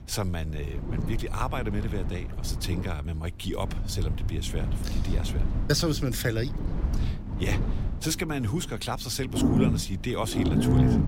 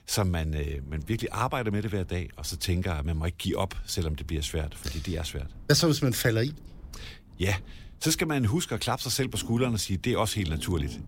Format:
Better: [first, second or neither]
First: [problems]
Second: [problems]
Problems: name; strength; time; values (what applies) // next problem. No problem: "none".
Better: second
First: low rumble; loud; throughout; 4 dB below the speech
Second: low rumble; faint; throughout; 25 dB below the speech